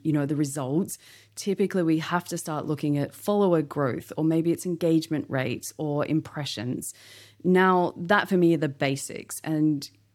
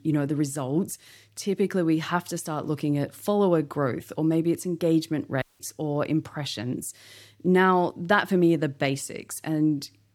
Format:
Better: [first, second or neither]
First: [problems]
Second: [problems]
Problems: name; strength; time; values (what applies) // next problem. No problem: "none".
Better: first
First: none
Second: audio cutting out; at 5.5 s